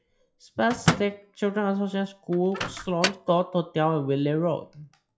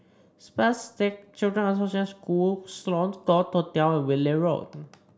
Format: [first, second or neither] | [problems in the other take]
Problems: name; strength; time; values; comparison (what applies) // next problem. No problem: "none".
second | noise reduction (classical method log-MMSE)